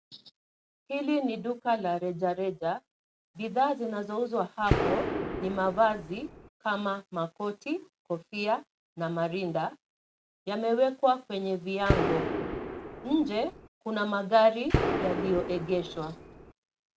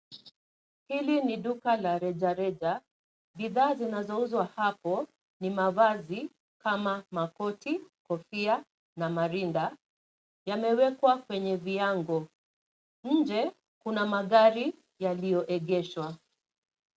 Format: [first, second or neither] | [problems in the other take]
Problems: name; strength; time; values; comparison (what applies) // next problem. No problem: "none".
second | background sound (Gunshot, gunfire); 1 dB below the speech